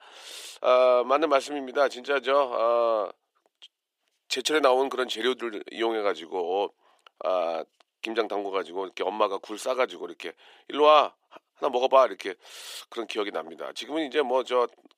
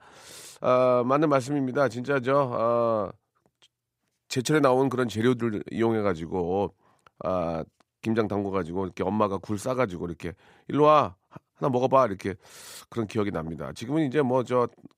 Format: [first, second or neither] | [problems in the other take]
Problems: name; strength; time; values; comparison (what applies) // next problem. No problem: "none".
second | thin; somewhat; fading below 350 Hz